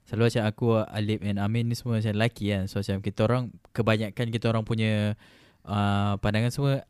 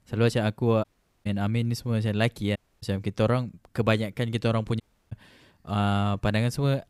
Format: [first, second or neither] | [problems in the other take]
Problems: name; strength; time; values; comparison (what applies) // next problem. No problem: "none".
first | audio cutting out; at 1 s, at 2.5 s and at 5 s